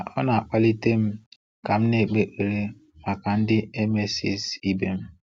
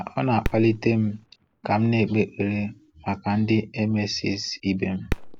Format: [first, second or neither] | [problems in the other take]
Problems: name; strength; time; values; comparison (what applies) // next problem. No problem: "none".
first | background sound (Fireworks); 12 dB below the speech